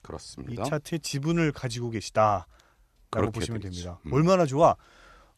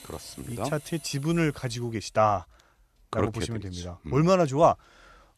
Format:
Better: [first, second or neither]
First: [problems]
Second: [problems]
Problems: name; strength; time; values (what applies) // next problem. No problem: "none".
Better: first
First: none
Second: machinery noise; faint; until 1.5 s; 20 dB below the speech